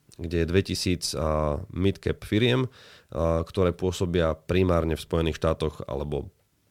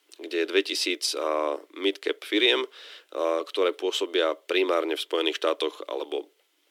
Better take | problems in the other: first | thin; very; fading below 300 Hz

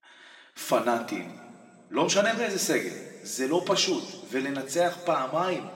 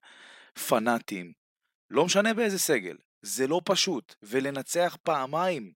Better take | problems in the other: second | room echo; slight; dies away in 2.3 s // off-mic speech; somewhat distant

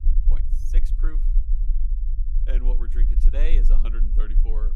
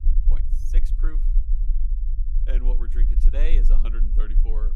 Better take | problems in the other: neither | low rumble; loud; throughout; 8 dB below the speech; the same in both

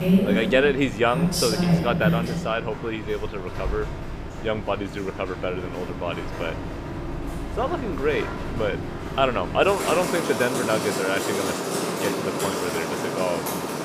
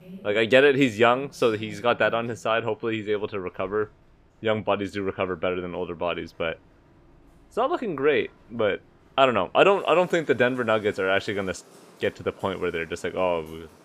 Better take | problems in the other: second | rain or running water; loud; throughout; 2 dB below the speech; faint in the second

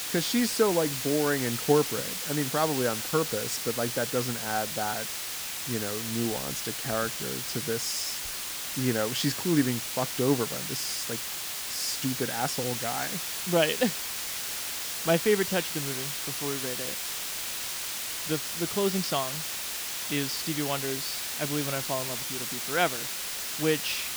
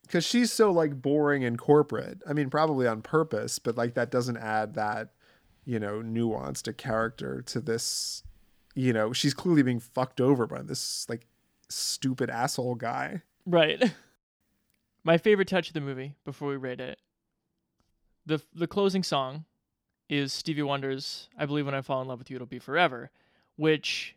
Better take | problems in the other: second | hiss; loud; throughout; 1 dB below the speech

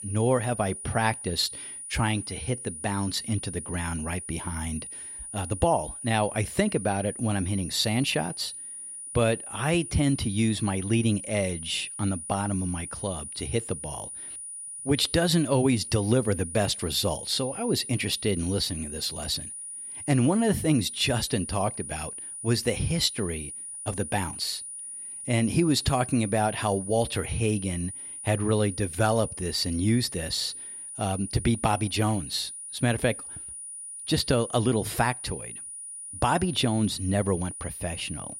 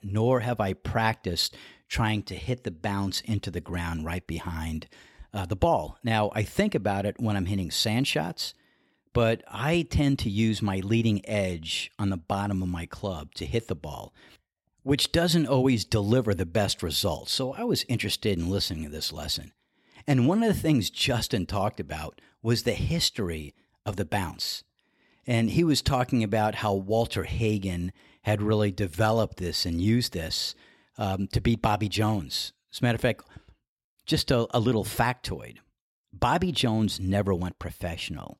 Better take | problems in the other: second | high-pitched whine; loud; throughout; 9.5 kHz, 9 dB below the speech

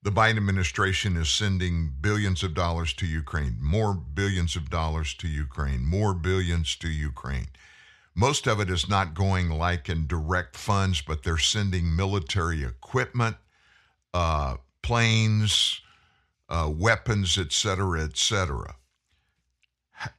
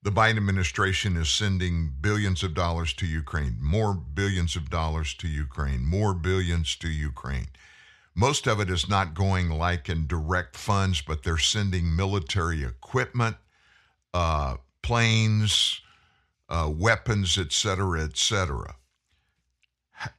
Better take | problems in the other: neither | none

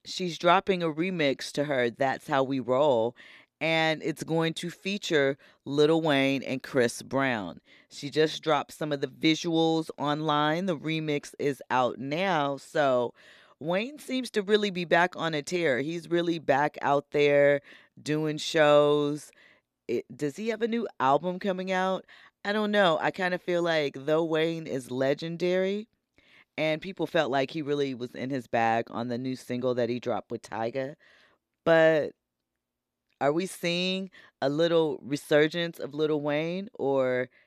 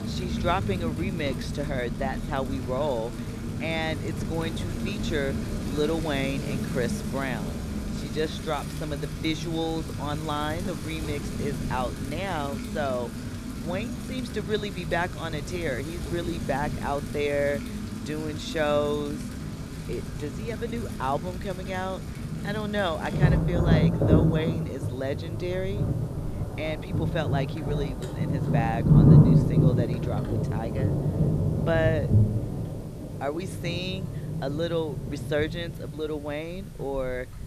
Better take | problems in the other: first | rain or running water; very loud; throughout; 3 dB above the speech

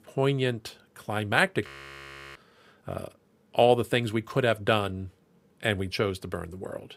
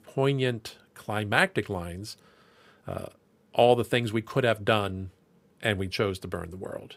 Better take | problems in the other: second | audio freezing; at 1.5 s for 0.5 s

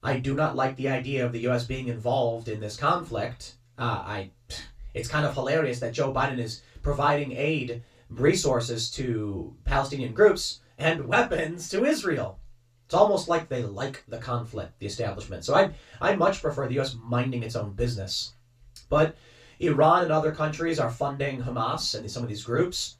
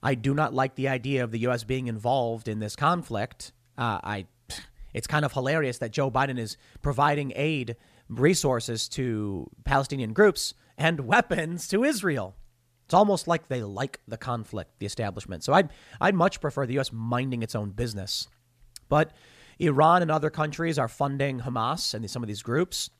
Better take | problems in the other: second | room echo; slight; dies away in 0.2 s // off-mic speech; far

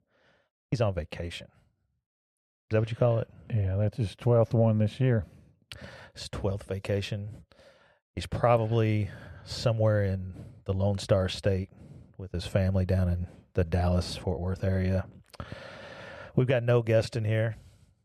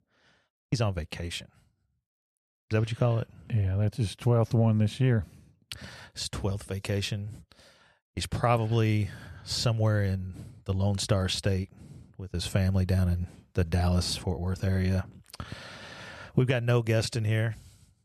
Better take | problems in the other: second | muffled; slightly; fading above 4 kHz

